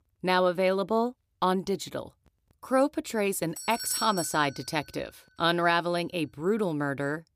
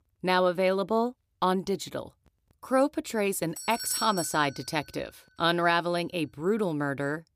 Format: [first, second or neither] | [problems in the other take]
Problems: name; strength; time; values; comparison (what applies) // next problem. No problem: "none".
neither | doorbell; noticeable; at 3.5 s; peak 3 dB below the speech; the same in both